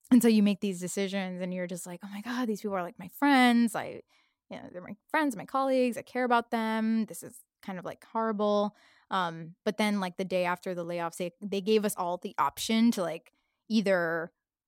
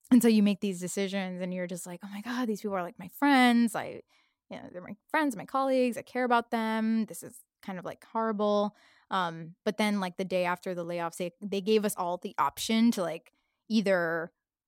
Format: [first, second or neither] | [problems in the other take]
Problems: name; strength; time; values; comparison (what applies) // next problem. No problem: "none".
neither | none